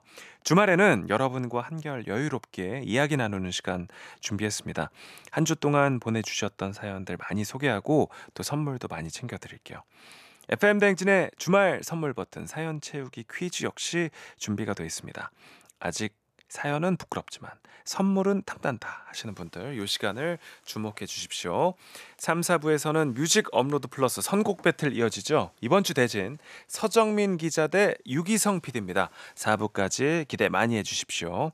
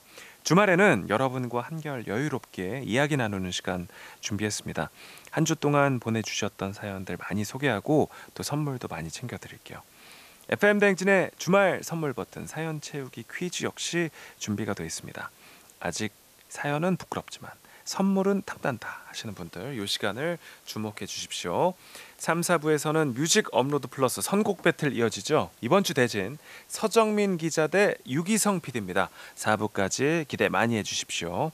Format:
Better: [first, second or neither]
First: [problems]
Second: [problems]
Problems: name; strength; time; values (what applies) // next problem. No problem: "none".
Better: first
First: none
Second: hiss; faint; throughout; 25 dB below the speech